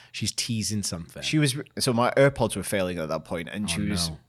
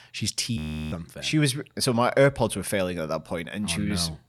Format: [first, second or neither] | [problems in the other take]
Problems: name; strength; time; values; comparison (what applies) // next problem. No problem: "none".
first | audio freezing; at 0.5 s